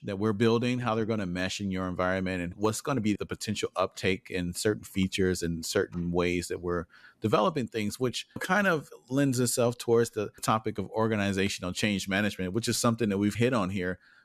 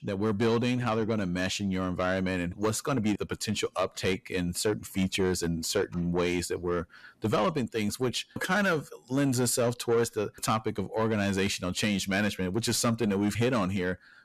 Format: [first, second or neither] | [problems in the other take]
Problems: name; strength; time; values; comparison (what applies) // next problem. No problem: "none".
first | distortion; slight; 10 dB below the speech